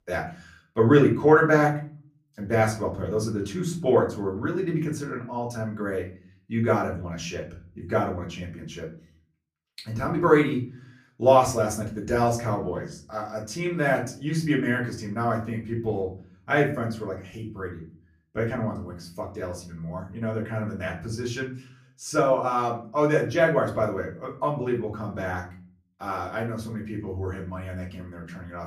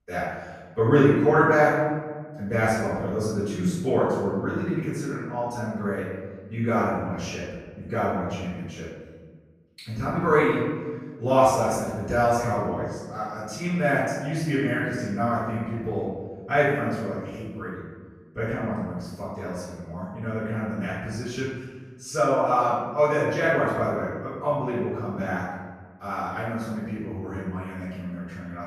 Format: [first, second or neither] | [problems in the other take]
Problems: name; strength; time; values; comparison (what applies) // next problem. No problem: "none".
first | room echo; strong; dies away in 1.3 s; slight in the first // off-mic speech; far; far in the first